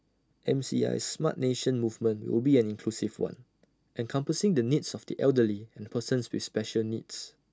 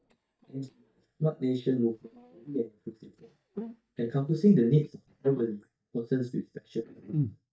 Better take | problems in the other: first | noise reduction (neural mask model DeepFilterNet 3)

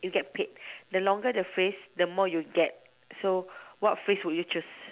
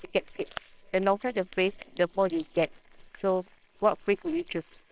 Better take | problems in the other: first | noise reduction (neural separator model SepFormer WHAMR!)

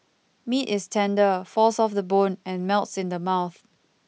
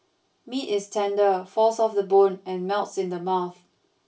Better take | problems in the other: first | room echo; dies away in 0.2 s

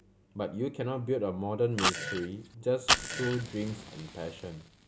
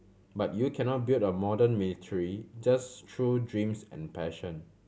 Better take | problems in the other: second | background sound (Fart + Fire); 2 dB below the speech

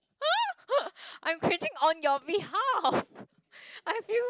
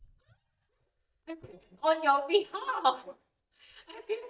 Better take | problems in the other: first | noise reduction (neural mask model DeepFilterNet 3)

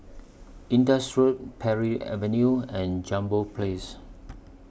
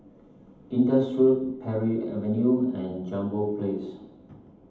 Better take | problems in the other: first | room echo; dies away in 0.8 s

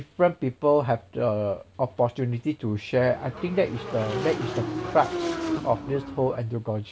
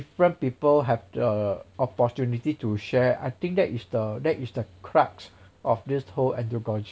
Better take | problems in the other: second | background sound (Motorcycle / Engine); 6 dB below the speech

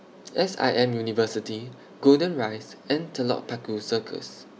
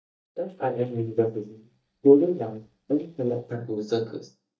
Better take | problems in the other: first | noise reduction (neural mask model DeepFilterNet 3)

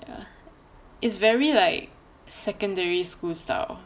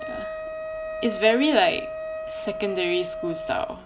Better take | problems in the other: first | background sound (Wind instrument, woodwind instrument); 7 dB below the speech

